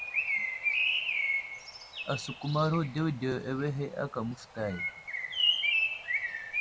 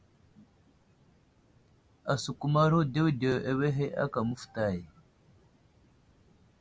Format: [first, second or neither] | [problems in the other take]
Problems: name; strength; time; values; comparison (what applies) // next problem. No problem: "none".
second | background sound (Bird); 2 dB above the speech